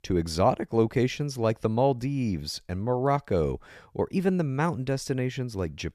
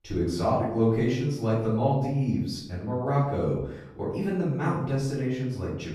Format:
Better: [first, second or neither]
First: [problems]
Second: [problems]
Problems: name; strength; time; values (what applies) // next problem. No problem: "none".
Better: first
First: none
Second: off-mic speech; far // room echo; noticeable; dies away in 0.7 s